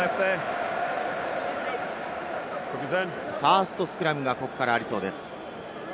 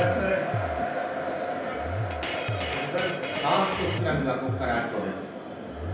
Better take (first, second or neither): first